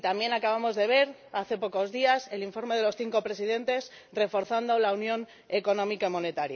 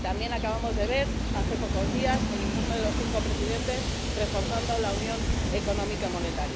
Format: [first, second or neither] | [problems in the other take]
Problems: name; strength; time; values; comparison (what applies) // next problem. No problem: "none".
first | background sound (Train); 4 dB above the speech